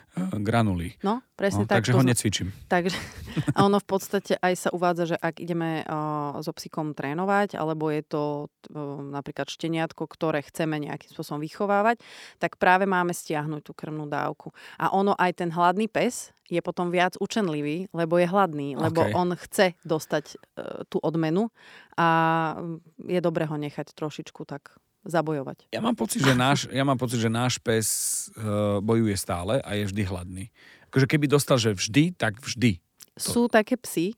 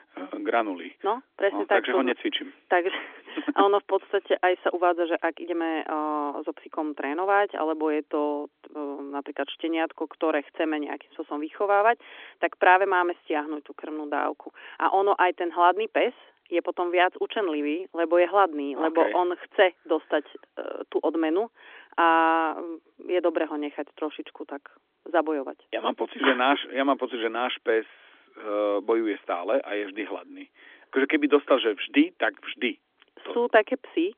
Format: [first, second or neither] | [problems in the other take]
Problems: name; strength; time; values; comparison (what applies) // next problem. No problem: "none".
first | phone-call audio; nothing above 3.5 kHz